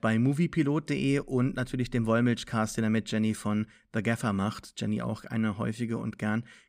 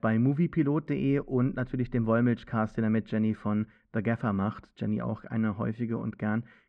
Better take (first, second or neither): first